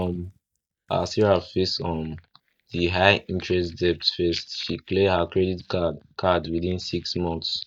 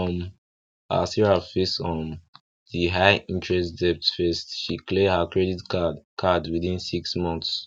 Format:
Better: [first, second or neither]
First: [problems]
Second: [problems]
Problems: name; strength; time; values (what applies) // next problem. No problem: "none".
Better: second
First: noise reduction (neural mask model DeepFilterNet 3)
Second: none